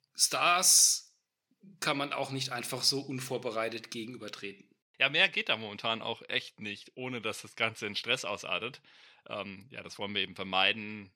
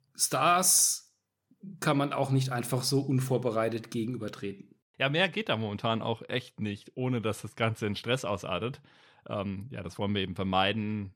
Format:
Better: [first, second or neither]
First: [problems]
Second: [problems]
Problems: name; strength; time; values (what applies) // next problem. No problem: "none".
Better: second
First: thin; very slightly; fading below 400 Hz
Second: none